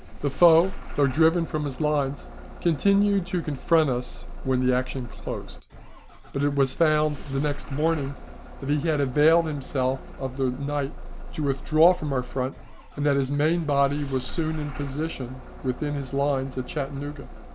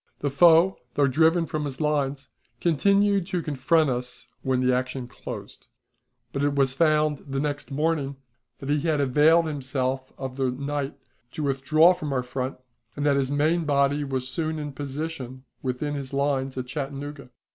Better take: second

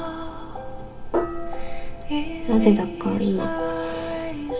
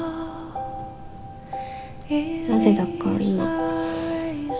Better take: second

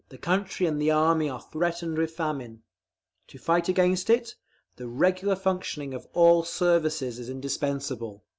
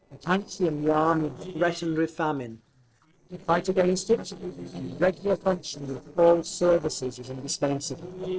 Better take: first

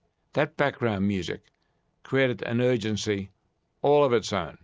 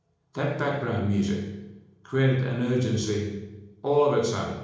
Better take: first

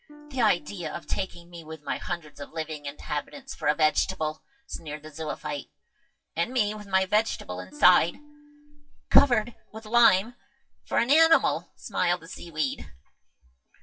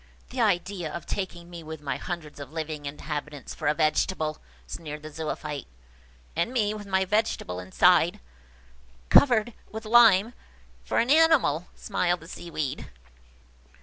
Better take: second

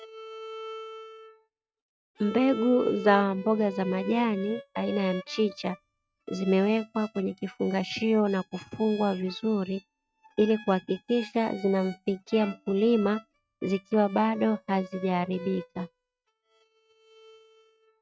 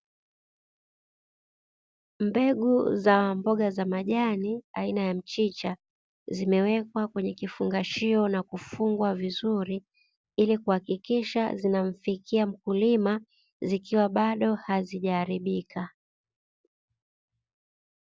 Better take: second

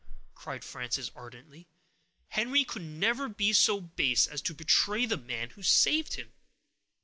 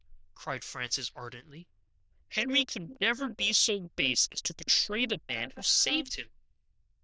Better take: first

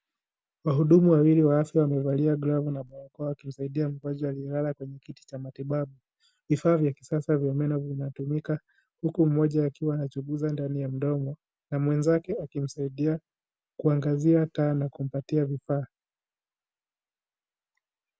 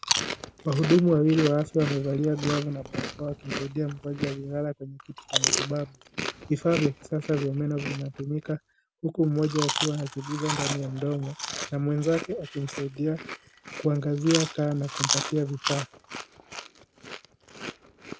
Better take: first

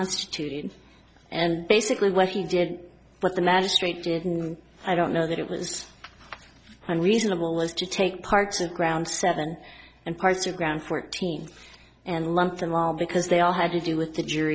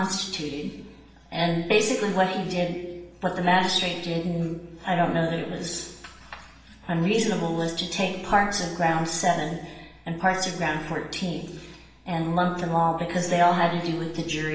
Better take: first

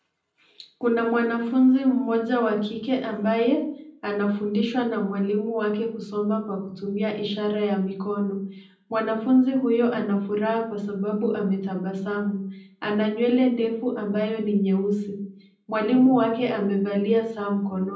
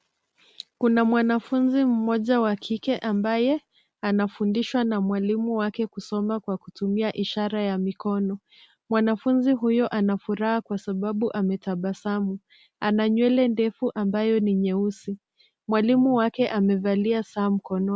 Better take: second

